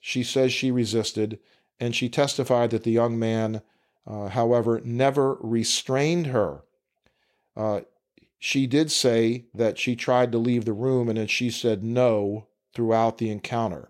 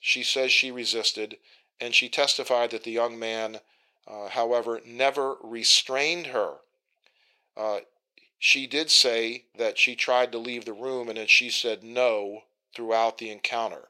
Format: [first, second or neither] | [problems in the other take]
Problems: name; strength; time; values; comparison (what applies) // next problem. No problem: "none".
first | thin; very; fading below 600 Hz